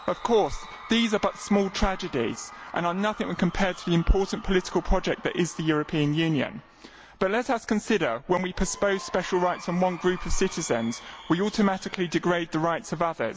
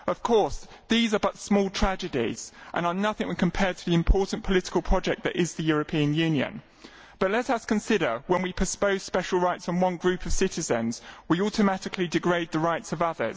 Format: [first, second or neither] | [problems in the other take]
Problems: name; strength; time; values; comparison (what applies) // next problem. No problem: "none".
second | background sound (Crowd / Cheering); 19 dB below the speech